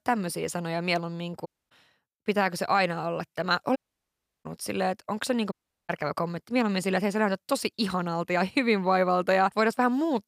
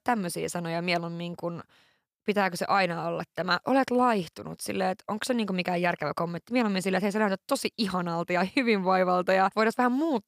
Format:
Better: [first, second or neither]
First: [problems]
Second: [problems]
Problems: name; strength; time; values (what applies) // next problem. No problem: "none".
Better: second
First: audio cutting out; at 1.5 s, at 4 s for 0.5 s and at 5.5 s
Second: none